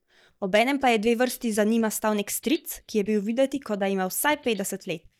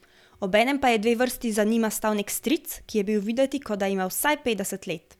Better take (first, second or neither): second